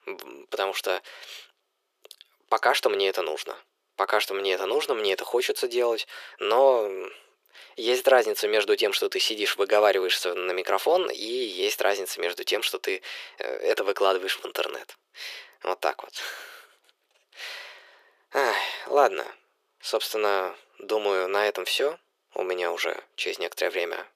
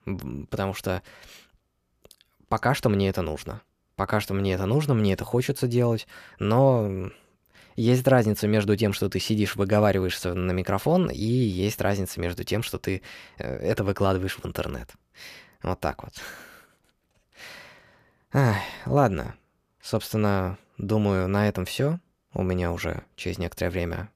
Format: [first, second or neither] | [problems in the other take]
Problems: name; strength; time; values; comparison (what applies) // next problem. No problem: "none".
second | thin; very; fading below 400 Hz